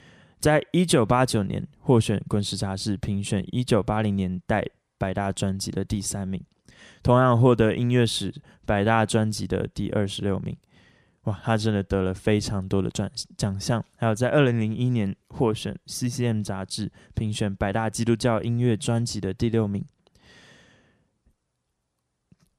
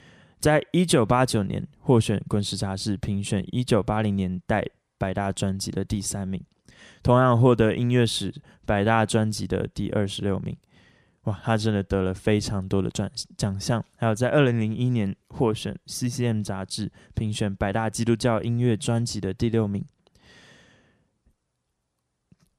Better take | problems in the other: neither | none

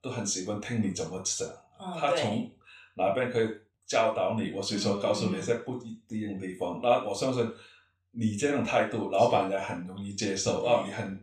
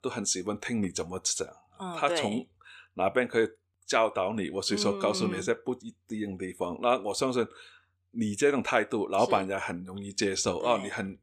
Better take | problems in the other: second | room echo; slight; dies away in 0.3 s // off-mic speech; far

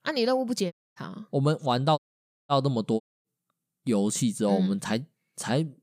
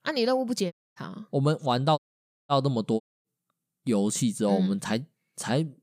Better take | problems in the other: neither | audio cutting out; at 0.5 s, at 2 s for 0.5 s and at 3 s; the same in both

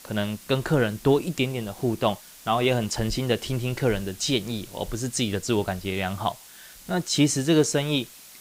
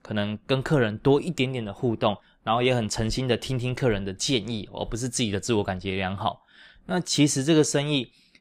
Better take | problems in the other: second | hiss; noticeable; throughout; 20 dB below the speech

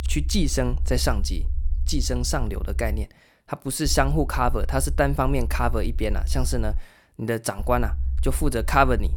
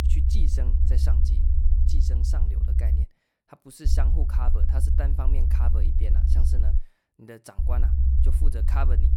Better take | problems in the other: first | low rumble; loud; until 3 s, from 4 to 7 s and from 7.5 s on; 1 dB below the speech; faint in the first

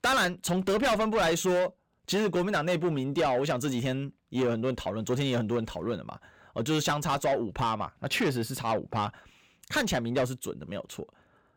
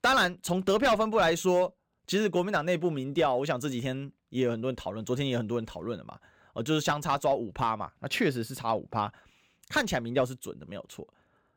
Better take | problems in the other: second | distortion; slight; 10 dB below the speech

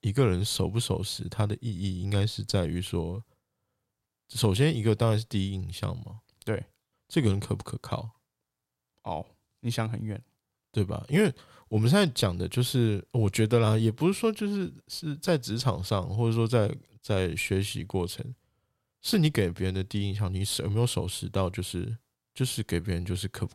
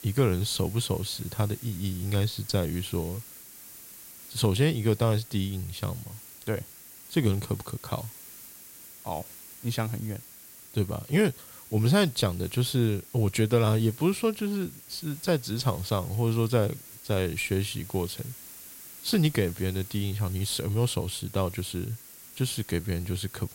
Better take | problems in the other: first | hiss; noticeable; throughout; 15 dB below the speech

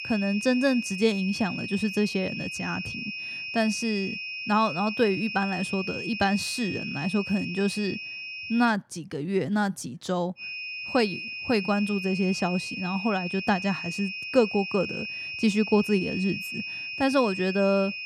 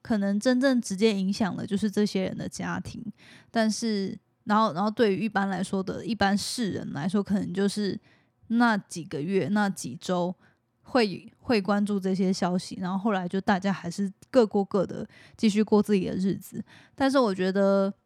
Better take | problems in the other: second | high-pitched whine; loud; until 8.5 s and from 10 s on; 2.5 kHz, 6 dB below the speech

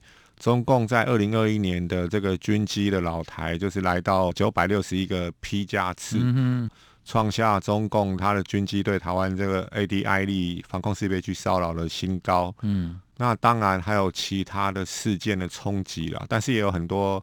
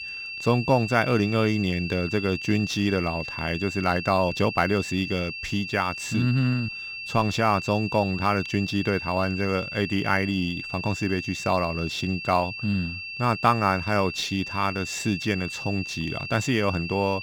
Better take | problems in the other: first | high-pitched whine; loud; throughout; 2.5 kHz, 7 dB below the speech

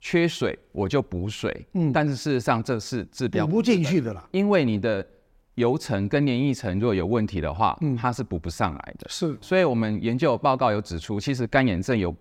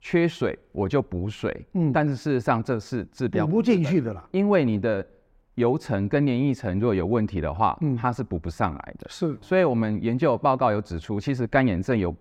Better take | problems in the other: first | muffled; slightly; fading above 2.5 kHz

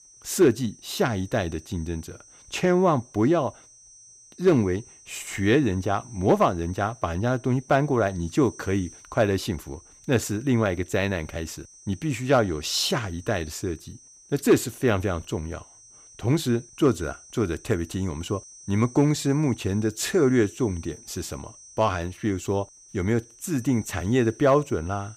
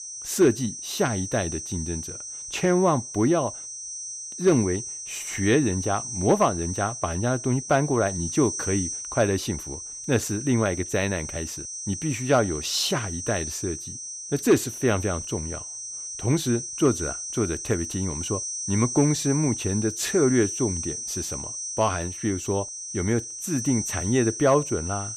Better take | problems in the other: first | high-pitched whine; loud; throughout; 6 kHz, 7 dB below the speech; faint in the first

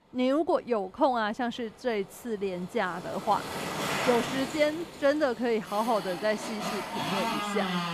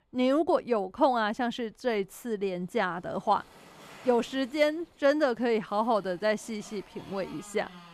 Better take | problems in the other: second | traffic noise; loud; throughout; 4 dB below the speech; faint in the second

